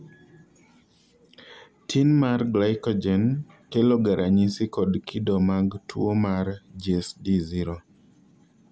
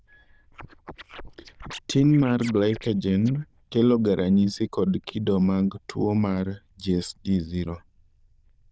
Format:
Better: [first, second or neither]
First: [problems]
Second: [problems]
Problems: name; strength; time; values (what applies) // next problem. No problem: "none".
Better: first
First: none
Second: noise reduction (neural diffusion model UNIVERSE++)